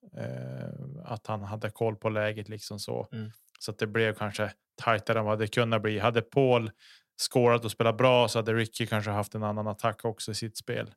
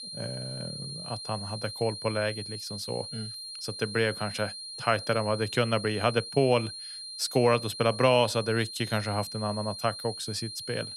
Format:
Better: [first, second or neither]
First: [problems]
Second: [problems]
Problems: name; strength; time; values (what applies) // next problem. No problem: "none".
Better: first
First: none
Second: high-pitched whine; loud; throughout; 4 kHz, 9 dB below the speech